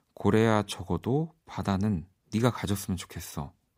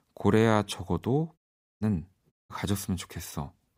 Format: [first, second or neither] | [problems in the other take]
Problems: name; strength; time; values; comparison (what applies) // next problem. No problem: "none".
first | audio cutting out; at 1.5 s and at 2.5 s